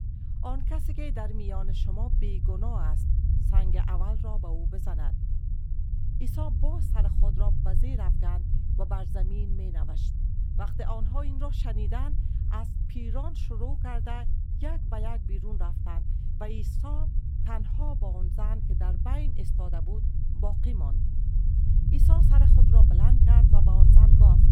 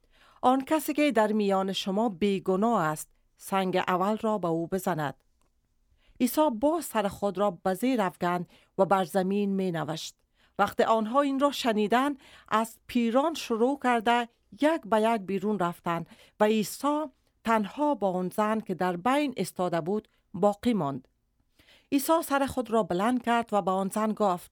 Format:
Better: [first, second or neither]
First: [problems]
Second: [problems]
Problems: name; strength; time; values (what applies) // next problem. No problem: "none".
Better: second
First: low rumble; loud; throughout; 1 dB below the speech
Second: none